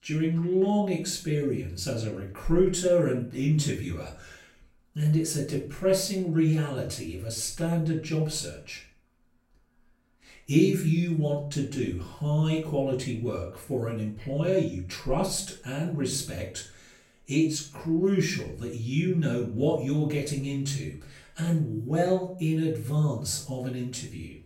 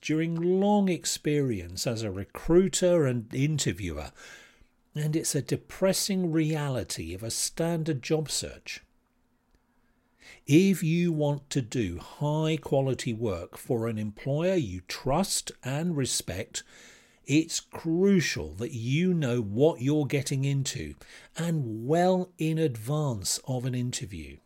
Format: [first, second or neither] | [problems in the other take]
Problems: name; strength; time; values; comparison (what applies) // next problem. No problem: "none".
second | room echo; slight; dies away in 0.4 s // off-mic speech; far